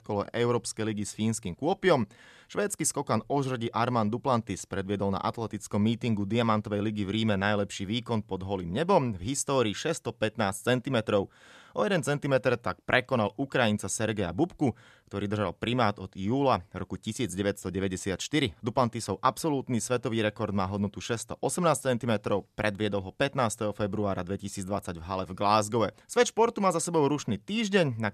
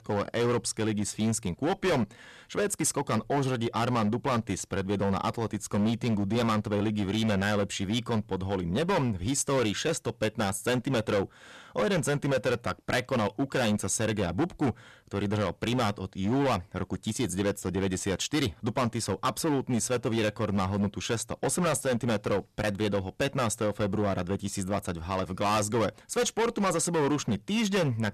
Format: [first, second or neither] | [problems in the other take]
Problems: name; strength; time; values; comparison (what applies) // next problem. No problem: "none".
first | distortion; heavy; 14% of the sound clipped